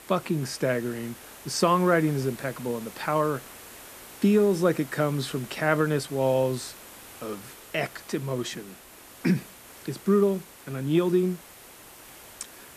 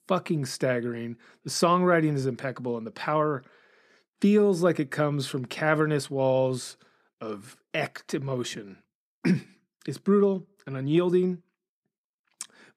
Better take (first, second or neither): second